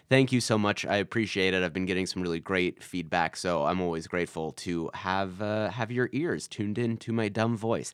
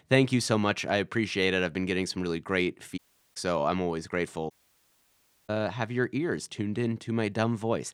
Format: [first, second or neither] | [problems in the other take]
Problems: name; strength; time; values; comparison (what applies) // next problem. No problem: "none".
first | audio cutting out; at 3 s and at 4.5 s for 1 s